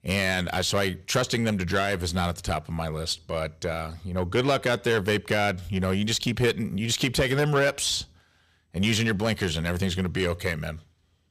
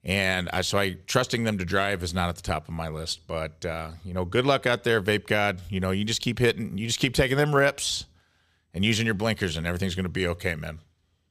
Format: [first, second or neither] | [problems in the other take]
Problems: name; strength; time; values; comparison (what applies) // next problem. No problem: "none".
second | distortion; slight; 10 dB below the speech